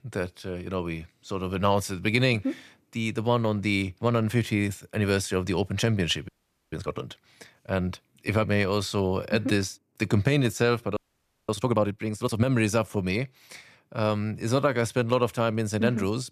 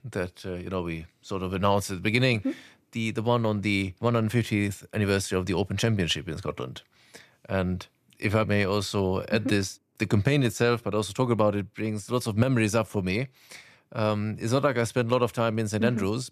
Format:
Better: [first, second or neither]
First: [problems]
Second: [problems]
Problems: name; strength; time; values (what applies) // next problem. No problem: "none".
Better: second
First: audio freezing; at 6.5 s and at 11 s for 0.5 s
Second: none